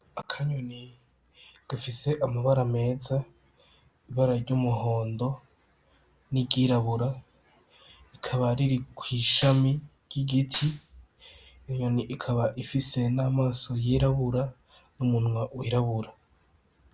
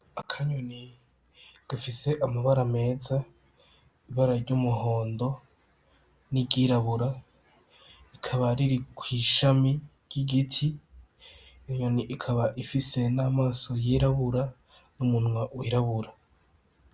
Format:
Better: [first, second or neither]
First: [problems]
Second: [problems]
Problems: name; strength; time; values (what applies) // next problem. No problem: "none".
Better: second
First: background sound (Gunshot, gunfire); 17 dB below the speech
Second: none